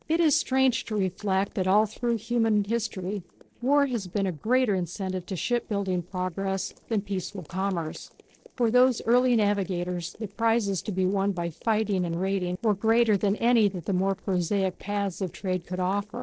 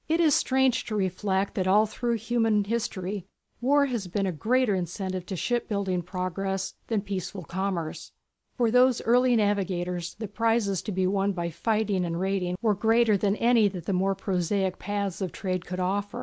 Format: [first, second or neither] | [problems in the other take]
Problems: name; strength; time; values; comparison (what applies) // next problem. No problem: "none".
second | noise reduction (neural separator model SepFormer DNS4)